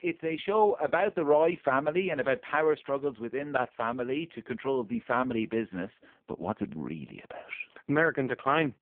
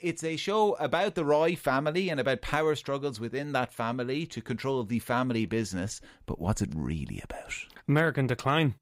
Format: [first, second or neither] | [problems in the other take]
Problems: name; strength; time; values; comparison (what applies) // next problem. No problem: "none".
second | phone-call audio; poor line